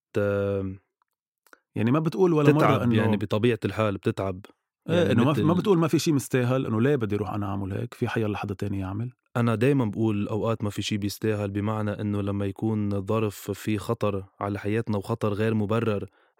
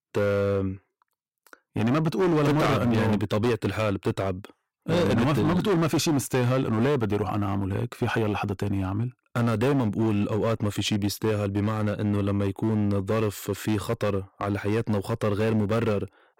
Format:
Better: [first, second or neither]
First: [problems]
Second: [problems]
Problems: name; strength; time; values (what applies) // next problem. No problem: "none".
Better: first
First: none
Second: distortion; heavy; 15% of the sound clipped